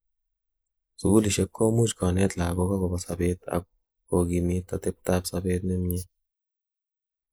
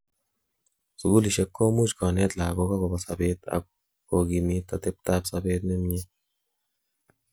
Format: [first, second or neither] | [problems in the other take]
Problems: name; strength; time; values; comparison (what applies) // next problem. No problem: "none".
second | noise reduction (neural mask model Resemble Enhance denoiser)